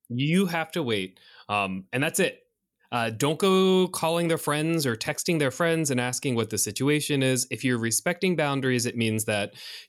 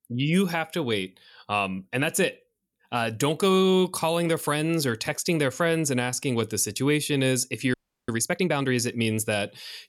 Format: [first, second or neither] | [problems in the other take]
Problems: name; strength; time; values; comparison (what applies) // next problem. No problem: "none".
first | audio freezing; at 7.5 s